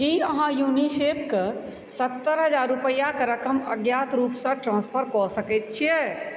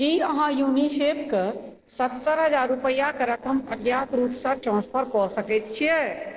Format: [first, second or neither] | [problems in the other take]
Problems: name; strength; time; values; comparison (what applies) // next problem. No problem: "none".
first | noise reduction (neural separator model SepFormer DNS4)